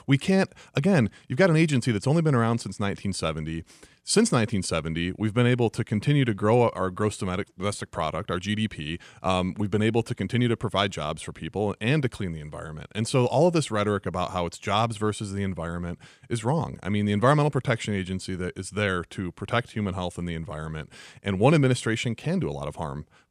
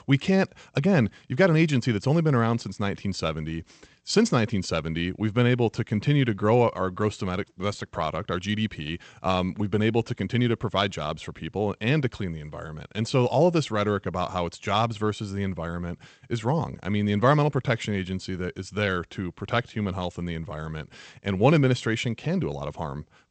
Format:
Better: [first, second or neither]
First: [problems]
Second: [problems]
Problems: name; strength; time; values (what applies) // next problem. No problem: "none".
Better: first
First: none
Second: garbled, watery; slightly; nothing above 8 kHz